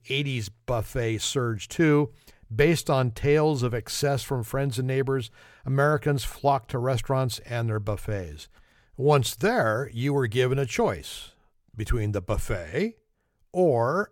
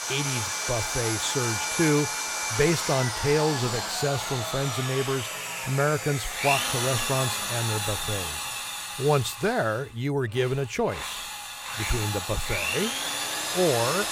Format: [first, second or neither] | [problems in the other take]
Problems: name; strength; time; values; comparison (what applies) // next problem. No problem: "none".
first | machinery noise; loud; throughout; 1 dB below the speech